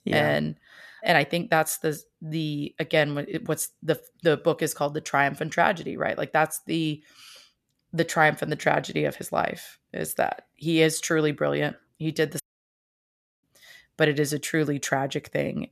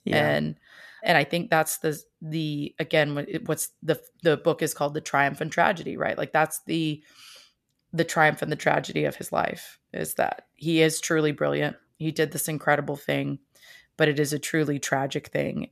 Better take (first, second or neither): second